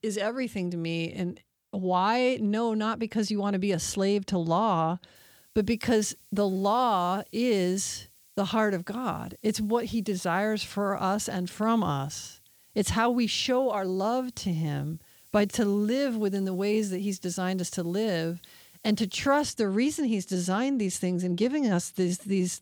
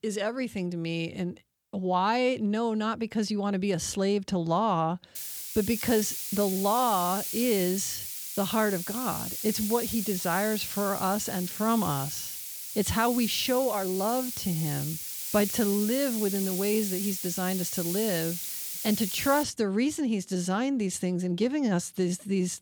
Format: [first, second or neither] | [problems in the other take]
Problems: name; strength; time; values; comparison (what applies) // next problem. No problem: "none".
first | hiss; loud; from 5 to 19 s; 4 dB below the speech; faint in the first